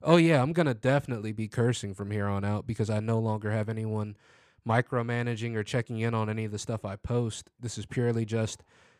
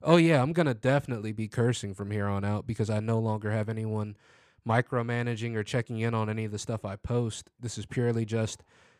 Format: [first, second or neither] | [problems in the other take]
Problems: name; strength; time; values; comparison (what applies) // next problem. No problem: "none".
neither | none